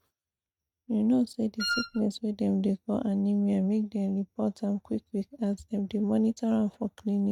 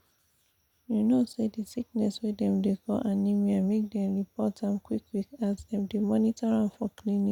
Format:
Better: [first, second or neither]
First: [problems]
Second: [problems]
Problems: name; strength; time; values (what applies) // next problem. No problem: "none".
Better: second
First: noise reduction (neural mask model RNNoise)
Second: none